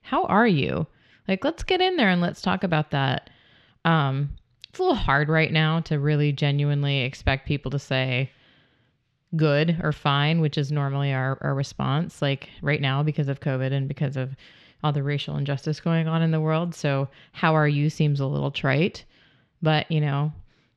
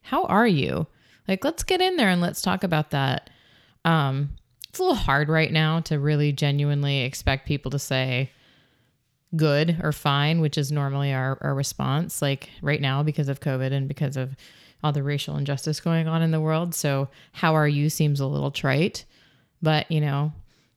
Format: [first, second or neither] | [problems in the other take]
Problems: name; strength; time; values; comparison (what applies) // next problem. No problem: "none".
second | muffled; very slightly; fading above 3 kHz